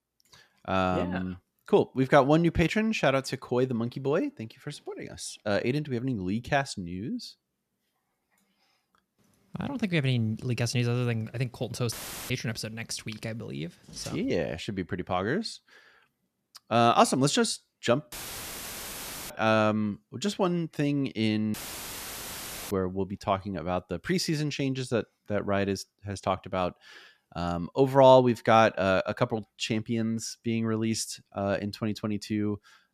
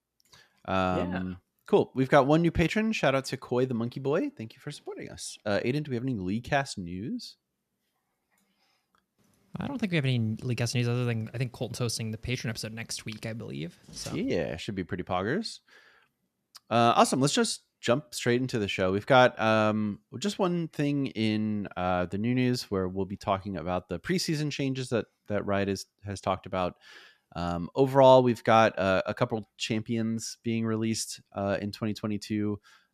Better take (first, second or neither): second